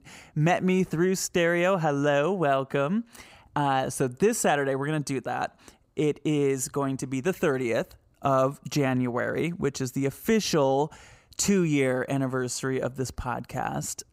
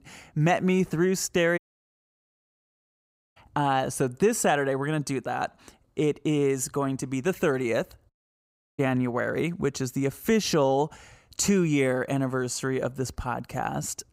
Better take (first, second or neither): first